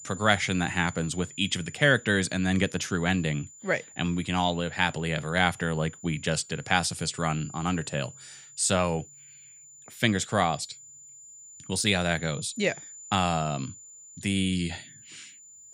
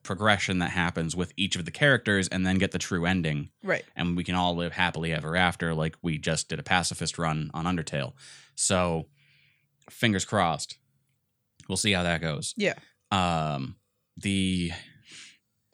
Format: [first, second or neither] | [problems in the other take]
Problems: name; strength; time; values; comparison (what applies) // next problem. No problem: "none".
second | high-pitched whine; noticeable; throughout; 7 kHz, 20 dB below the speech